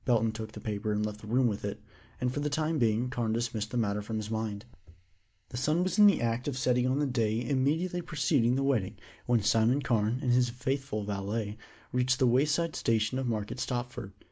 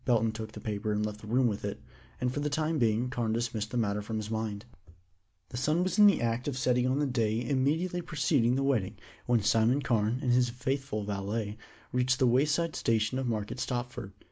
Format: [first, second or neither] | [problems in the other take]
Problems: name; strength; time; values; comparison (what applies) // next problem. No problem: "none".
second | noise reduction (neural mask model Resemble Enhance denoiser)